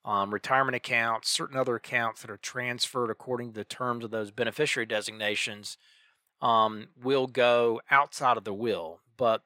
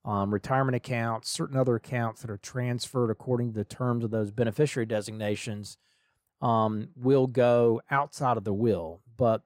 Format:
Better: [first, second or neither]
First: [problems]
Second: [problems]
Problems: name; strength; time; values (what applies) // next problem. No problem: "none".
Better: second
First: thin; somewhat; fading below 750 Hz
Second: none